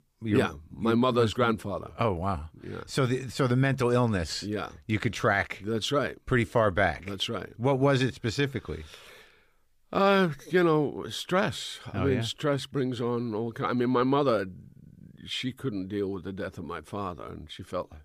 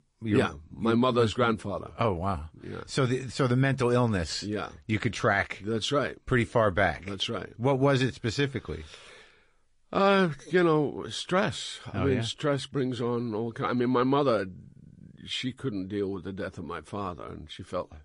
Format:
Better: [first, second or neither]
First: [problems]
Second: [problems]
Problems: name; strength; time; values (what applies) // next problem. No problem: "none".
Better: first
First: none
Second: garbled, watery; slightly; nothing above 10.5 kHz